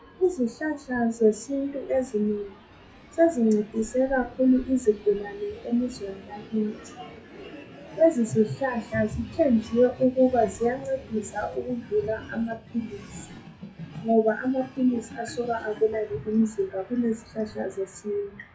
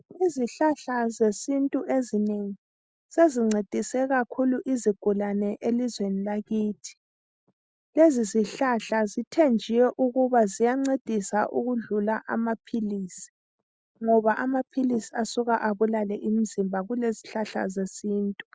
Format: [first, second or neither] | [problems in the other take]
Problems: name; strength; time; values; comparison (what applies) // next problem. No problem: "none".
second | noise reduction (classical method WPE with log-MMSE)